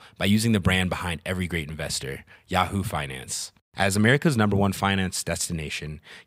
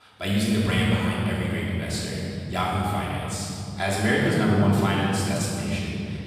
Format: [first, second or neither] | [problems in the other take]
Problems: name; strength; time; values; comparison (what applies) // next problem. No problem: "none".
first | off-mic speech; far // room echo; strong; dies away in 3 s